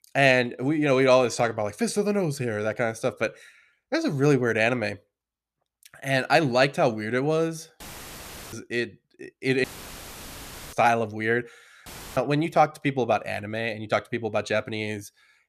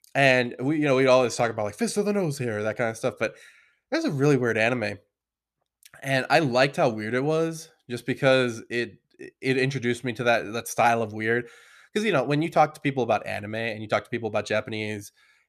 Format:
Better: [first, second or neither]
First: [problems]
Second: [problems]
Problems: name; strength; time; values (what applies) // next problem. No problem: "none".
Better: second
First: audio cutting out; filled with static; at 8 s for 0.5 s, at 9.5 s for 1 s and at 12 s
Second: none